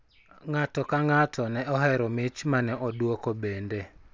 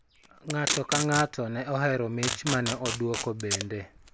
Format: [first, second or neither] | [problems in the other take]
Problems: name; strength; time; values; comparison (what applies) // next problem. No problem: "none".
first | background sound (Packing tape, duct tape); 5 dB below the speech